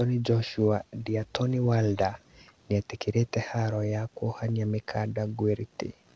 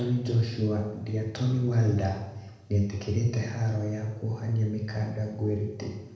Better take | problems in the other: first | room echo; dies away in 1 s

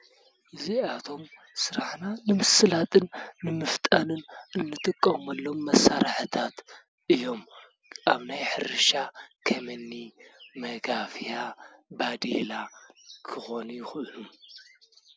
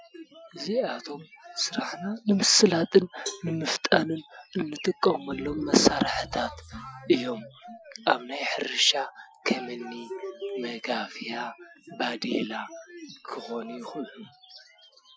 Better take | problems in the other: first | noise reduction (classical method Wiener filter)

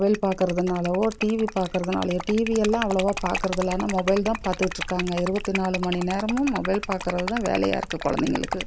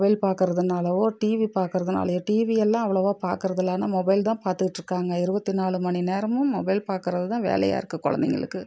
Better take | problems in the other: second | background sound (Liquid); 8 dB below the speech

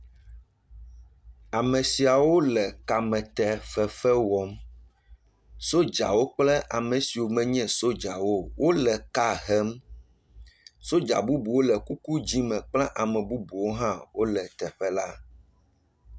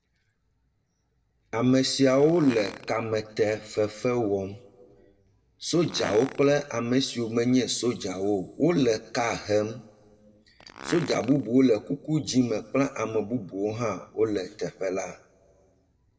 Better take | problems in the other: first | noise reduction (neural separator model SepFormer DNS4)

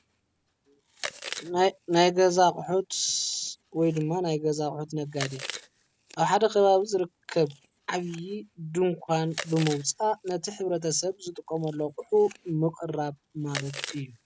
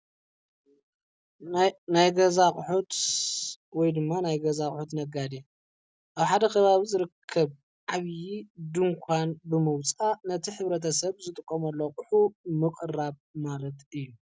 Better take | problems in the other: second | background sound (Chewing, mastication); 17 dB below the speech

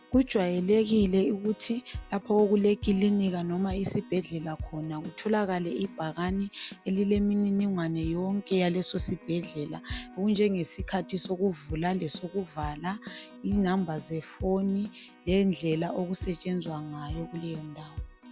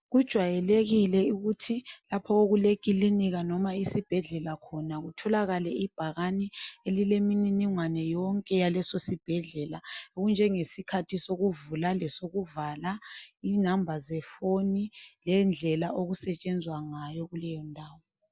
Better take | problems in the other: second | background sound (Keyboard (musical)); 15 dB below the speech

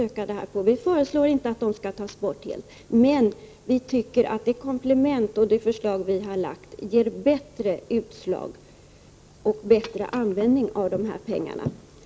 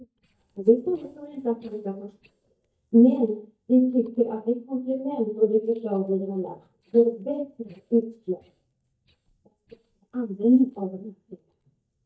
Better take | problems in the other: first | noise reduction (neural mask model DeepFilterNet 3)

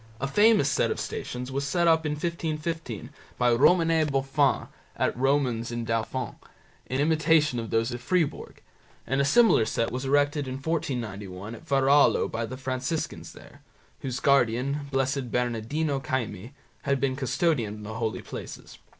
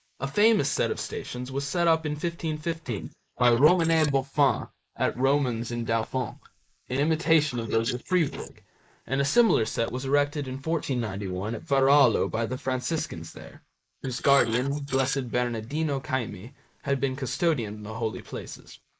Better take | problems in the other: first | noise reduction (neural mask model Resemble Enhance denoiser)

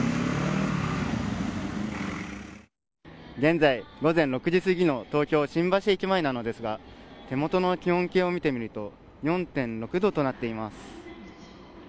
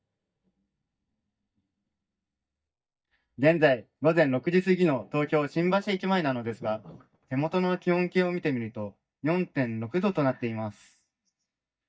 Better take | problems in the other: first | noise reduction (neural mask model DeepFilterNet 3)

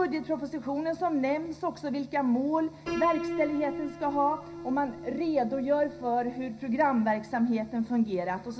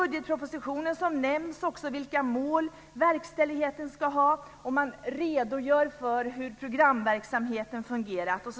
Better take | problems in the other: second | background sound (Piano); 13 dB below the speech // room echo; dies away in 0.5 s

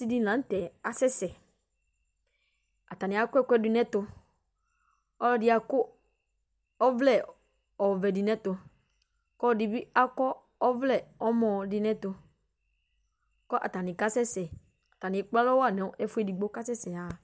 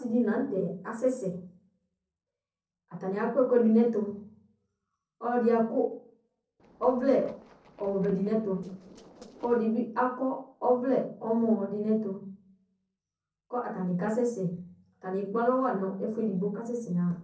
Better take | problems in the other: first | noise reduction (neural separator model SepFormer DNS4)

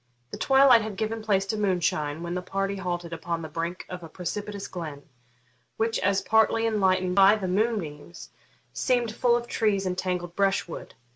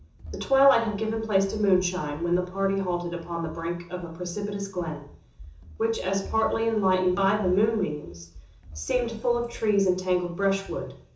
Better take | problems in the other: first | background sound (Run); 19 dB below the speech // room echo; dies away in 0.7 s

